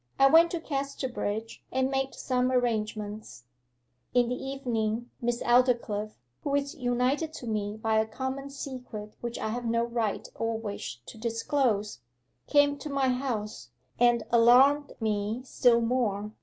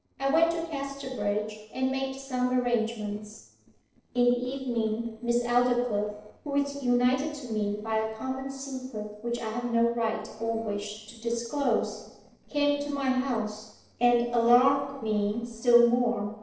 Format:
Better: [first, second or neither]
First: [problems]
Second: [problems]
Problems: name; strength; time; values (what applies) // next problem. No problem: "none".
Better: first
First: none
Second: noise reduction (neural separator model SepFormer DNS4)